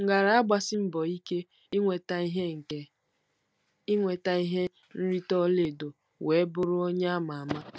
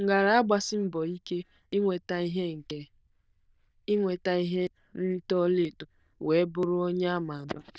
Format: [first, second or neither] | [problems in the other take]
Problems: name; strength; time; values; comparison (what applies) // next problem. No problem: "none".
first | noise reduction (neural diffusion model UNIVERSE++)